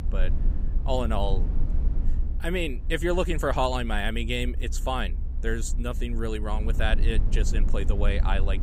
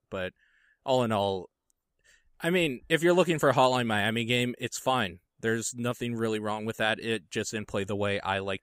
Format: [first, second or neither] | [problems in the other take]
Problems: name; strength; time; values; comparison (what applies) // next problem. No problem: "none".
second | low rumble; noticeable; throughout; 15 dB below the speech